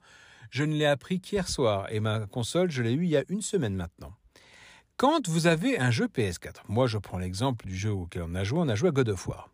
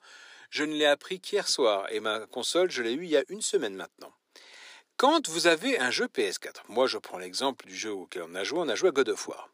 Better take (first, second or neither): first